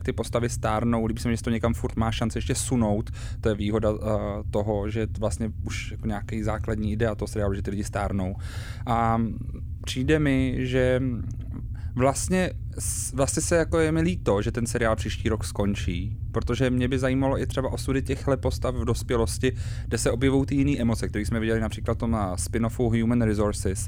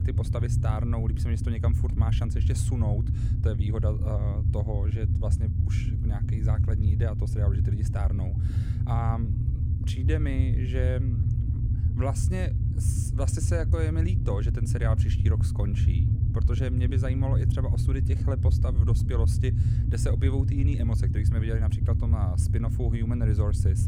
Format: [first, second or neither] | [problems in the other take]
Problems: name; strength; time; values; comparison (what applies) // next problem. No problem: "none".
first | low rumble; loud; throughout; 2 dB below the speech; faint in the first